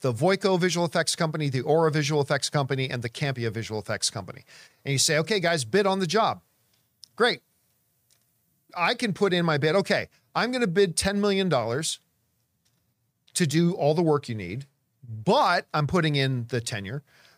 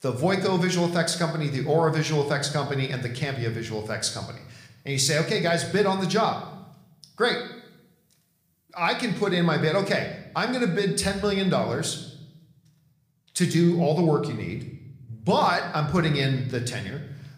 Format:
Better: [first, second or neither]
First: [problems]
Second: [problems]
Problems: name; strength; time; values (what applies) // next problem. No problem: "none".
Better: first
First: none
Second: room echo; slight; dies away in 0.7 s